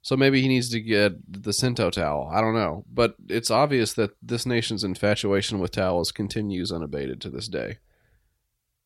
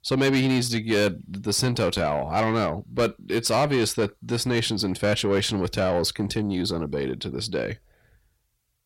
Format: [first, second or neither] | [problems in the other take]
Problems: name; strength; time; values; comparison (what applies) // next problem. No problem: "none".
first | distortion; slight; 10 dB below the speech